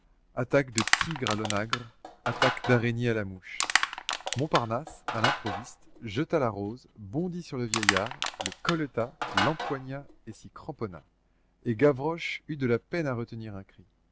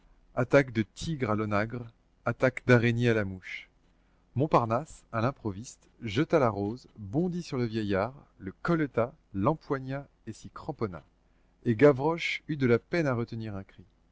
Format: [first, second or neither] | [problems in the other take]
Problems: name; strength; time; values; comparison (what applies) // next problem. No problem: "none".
second | background sound (Crushing); 1 dB below the speech